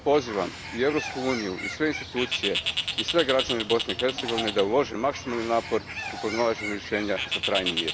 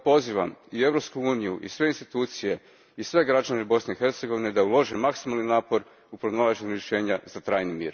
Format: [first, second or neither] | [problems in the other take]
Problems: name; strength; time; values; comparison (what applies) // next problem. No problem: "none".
second | background sound (Bird); 5 dB below the speech